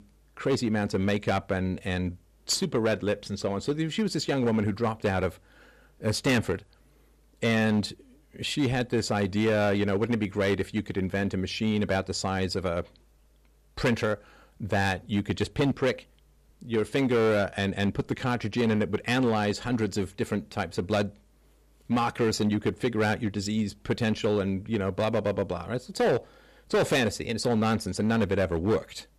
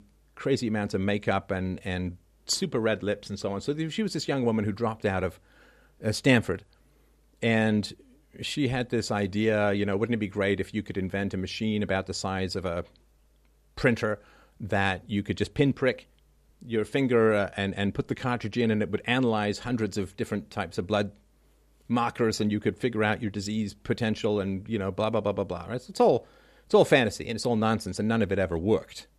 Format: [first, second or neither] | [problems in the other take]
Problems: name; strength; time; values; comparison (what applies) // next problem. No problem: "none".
second | distortion; slight; 6% of the sound clipped